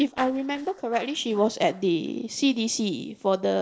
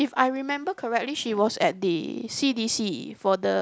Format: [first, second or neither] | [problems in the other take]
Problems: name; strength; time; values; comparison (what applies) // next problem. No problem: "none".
second | noise reduction (neural separator model SepFormer DNS4)